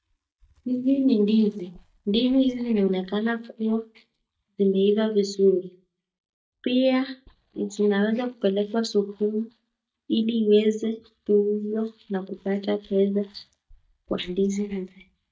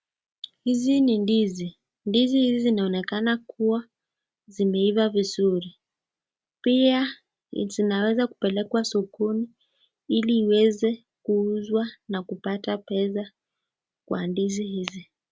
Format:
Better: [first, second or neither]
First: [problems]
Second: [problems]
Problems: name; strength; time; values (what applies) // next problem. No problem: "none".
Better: second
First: noise reduction (neural mask model DeepFilterNet 3)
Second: none